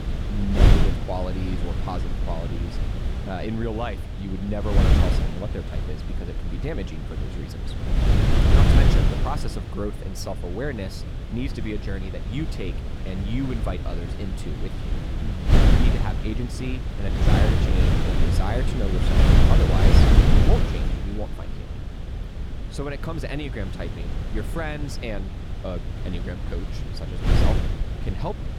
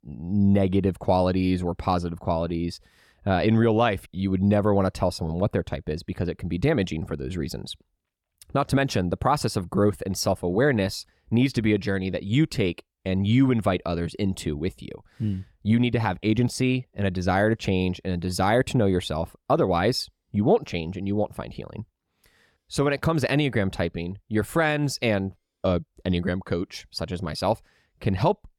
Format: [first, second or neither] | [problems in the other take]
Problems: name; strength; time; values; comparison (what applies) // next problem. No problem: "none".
second | wind noise on the microphone; heavy; 1 dB above the speech